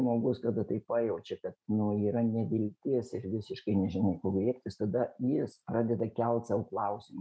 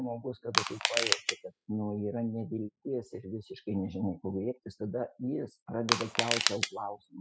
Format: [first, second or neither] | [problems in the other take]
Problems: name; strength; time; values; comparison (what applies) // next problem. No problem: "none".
first | noise reduction (classical method spectral subtraction)